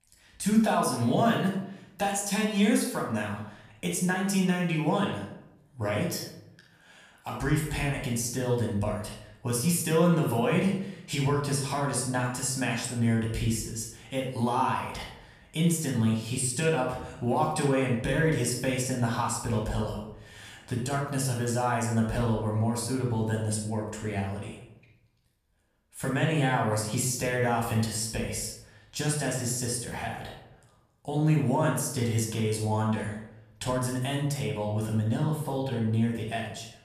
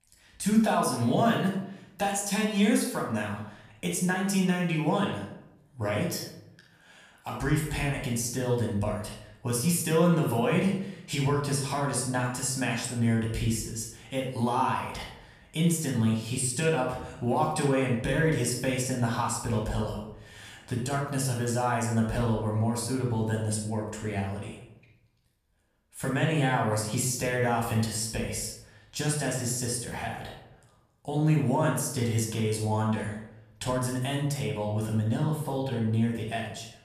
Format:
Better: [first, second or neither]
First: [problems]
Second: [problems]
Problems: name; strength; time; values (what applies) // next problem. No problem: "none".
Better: neither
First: off-mic speech; far // room echo; noticeable; dies away in 0.6 s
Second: off-mic speech; far // room echo; noticeable; dies away in 0.6 s